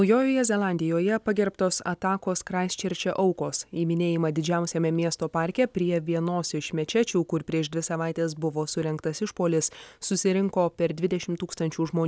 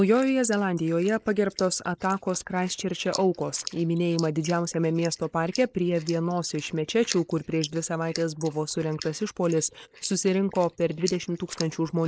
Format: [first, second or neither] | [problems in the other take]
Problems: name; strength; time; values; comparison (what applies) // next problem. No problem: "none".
first | noise reduction (neural mask model Resemble Enhance denoiser)